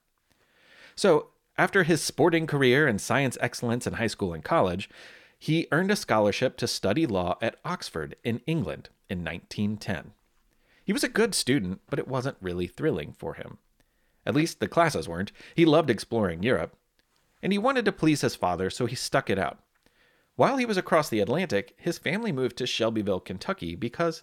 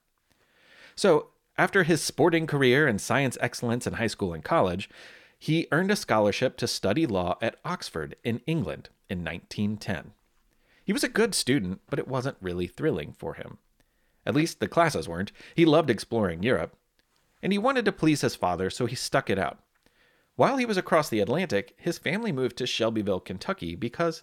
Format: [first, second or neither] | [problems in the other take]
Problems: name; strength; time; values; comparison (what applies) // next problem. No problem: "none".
neither | none